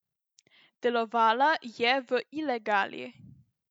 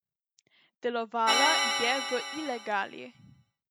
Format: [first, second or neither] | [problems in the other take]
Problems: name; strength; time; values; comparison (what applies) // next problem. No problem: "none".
first | background sound (Organ); 2 dB above the speech